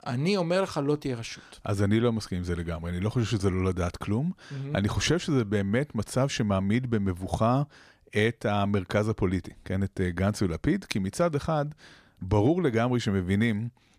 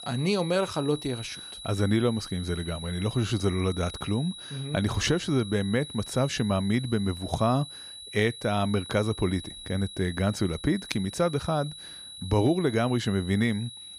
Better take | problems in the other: first | high-pitched whine; noticeable; throughout; 4 kHz, 10 dB below the speech

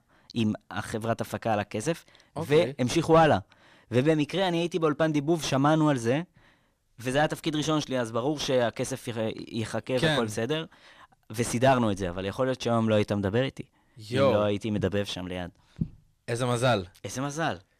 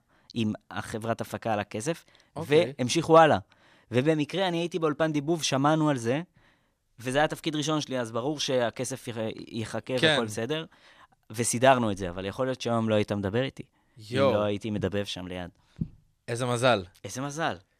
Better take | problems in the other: second | distortion; slight; 10 dB below the speech

